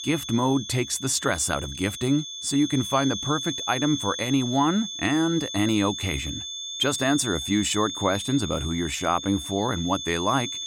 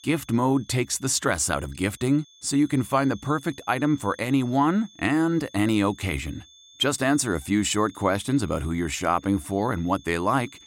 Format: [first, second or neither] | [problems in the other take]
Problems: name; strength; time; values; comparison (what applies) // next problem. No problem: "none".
second | high-pitched whine; loud; throughout; 3.5 kHz, 6 dB below the speech; faint in the second